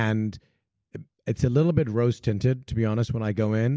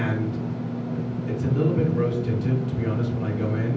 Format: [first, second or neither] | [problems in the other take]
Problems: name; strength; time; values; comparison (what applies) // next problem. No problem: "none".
first | background sound (Engine / Mechanisms); 2 dB below the speech // room echo; dies away in 0.6 s